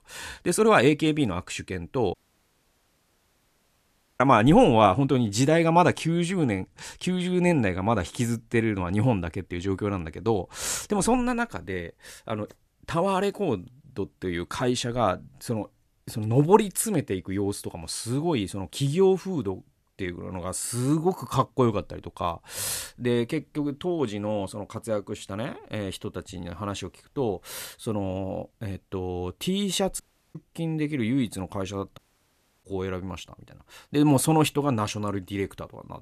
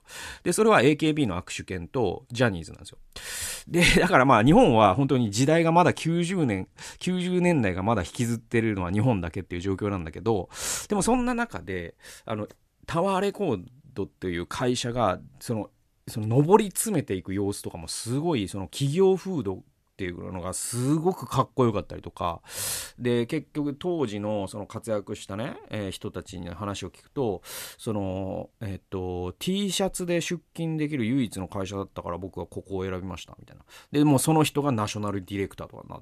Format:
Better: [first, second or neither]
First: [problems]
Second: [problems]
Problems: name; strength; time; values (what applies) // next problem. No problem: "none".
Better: second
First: audio cutting out; at 2 s for 2 s, at 30 s and at 32 s for 0.5 s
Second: none